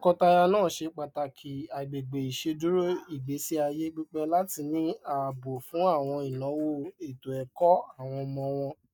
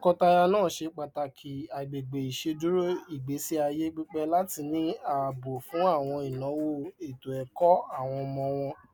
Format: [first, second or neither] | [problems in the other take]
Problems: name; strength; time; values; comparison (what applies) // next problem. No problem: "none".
second | noise reduction (neural mask model DeepFilterNet 3)